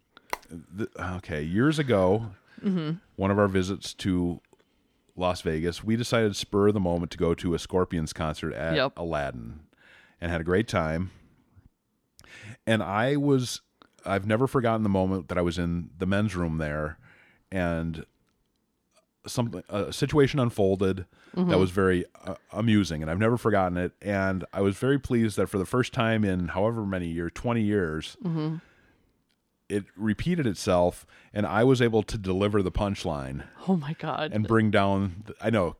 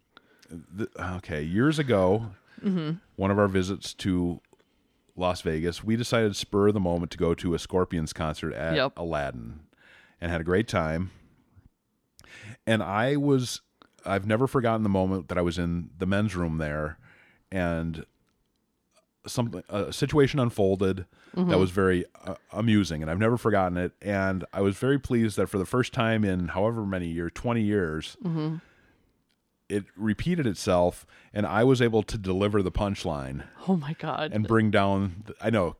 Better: second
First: phone ringing; very faint; at 0.5 s; peak 10 dB below the speech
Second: none

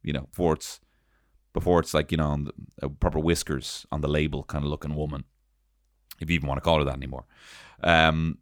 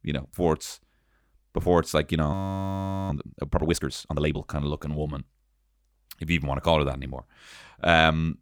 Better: first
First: none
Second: audio freezing; at 2.5 s for 1 s

